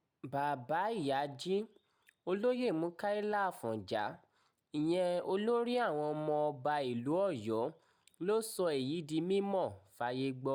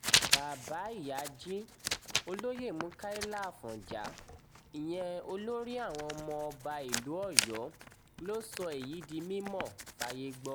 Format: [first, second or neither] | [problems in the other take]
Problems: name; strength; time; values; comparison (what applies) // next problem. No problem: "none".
first | background sound (Writing); 1 dB above the speech